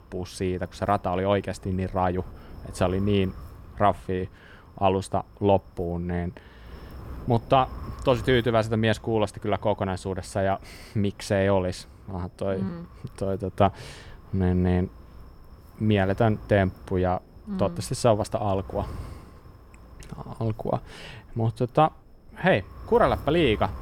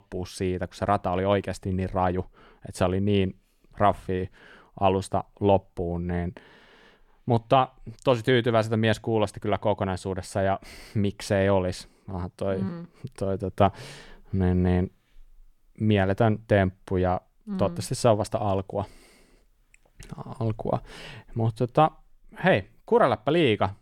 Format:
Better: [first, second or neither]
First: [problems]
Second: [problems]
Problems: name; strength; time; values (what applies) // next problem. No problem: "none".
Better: second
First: wind noise on the microphone; occasional gusts; 25 dB below the speech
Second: none